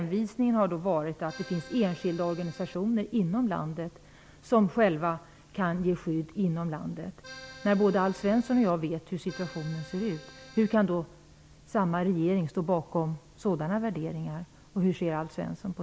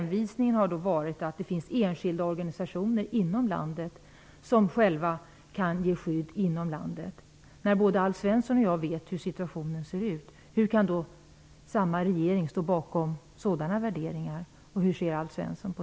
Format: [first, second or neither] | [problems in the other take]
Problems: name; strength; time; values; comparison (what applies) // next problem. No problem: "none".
second | background sound (Accordion); 18 dB below the speech